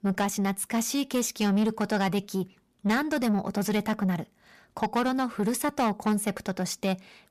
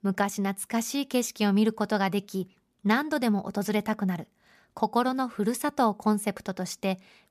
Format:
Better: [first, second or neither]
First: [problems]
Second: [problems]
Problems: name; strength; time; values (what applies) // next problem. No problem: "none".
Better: second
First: distortion; slight; 10 dB below the speech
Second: none